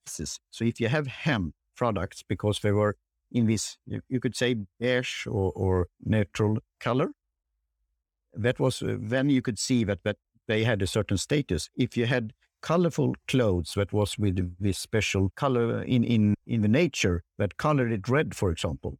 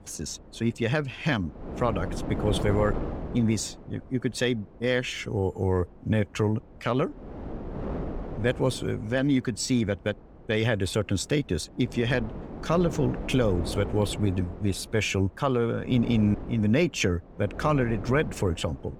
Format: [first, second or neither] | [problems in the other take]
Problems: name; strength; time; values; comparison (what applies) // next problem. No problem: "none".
first | wind noise on the microphone; occasional gusts; 10 dB below the speech